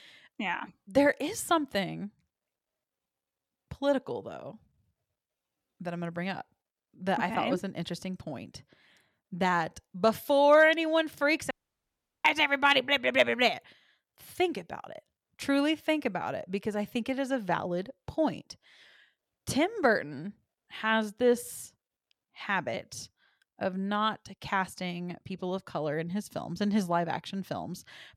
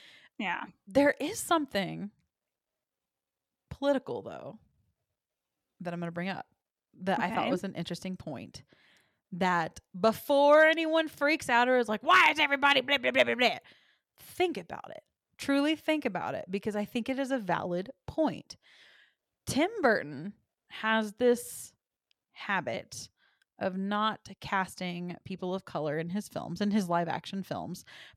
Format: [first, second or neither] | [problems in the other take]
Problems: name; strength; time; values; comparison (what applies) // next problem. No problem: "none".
second | audio cutting out; at 12 s for 0.5 s